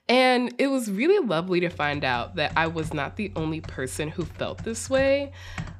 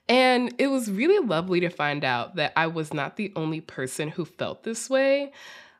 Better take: second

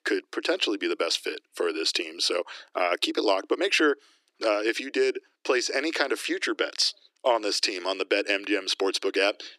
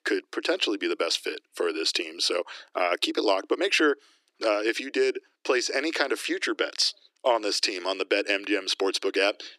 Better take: neither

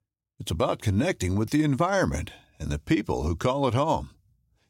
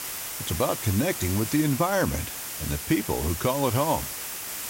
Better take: first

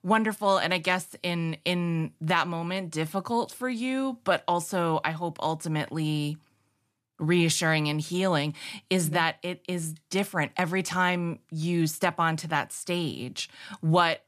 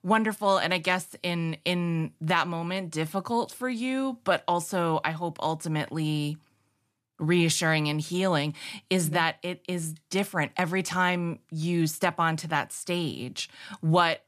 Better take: neither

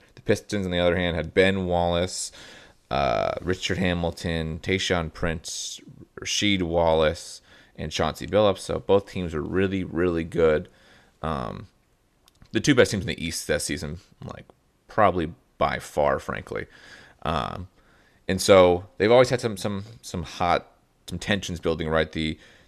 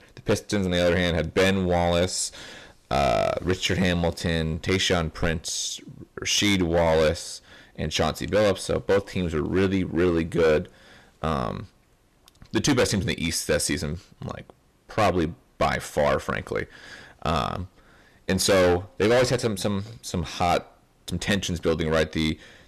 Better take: first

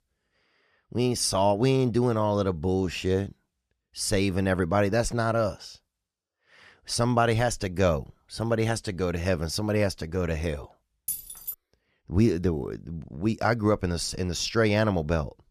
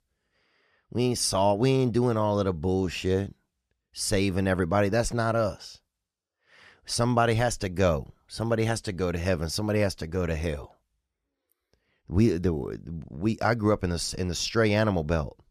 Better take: second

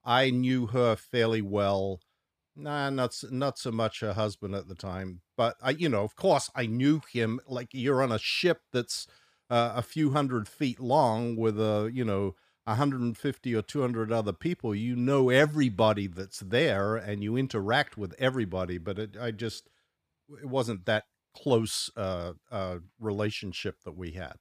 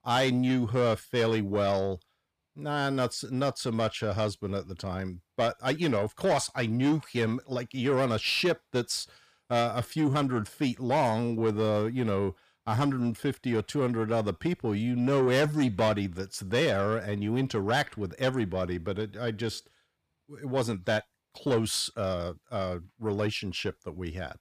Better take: first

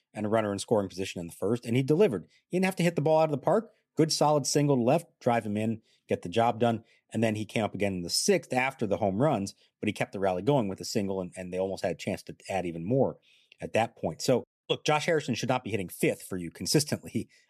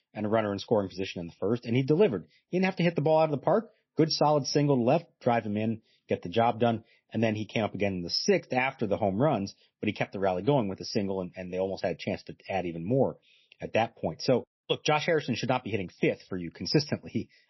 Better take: first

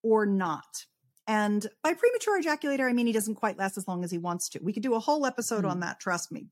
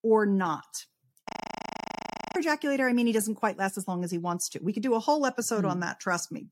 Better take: first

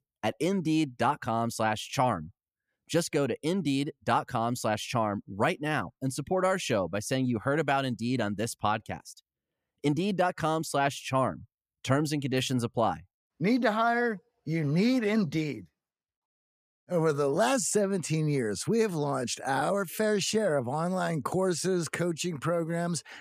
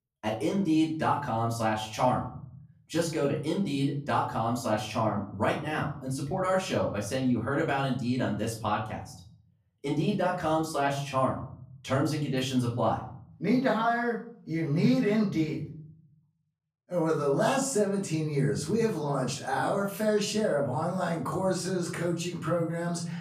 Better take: first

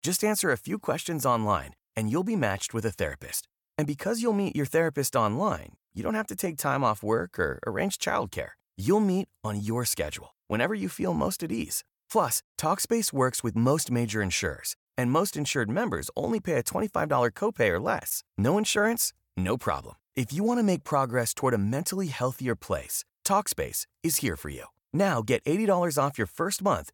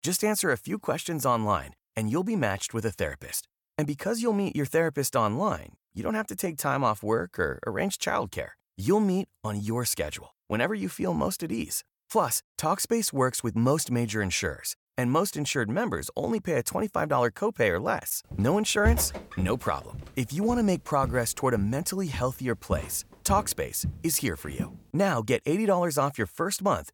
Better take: first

